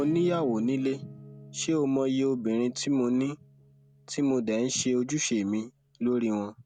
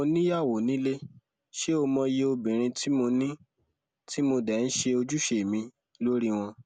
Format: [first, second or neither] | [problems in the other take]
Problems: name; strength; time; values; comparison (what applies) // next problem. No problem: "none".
second | background sound (Acoustic guitar / Strum); 19 dB below the speech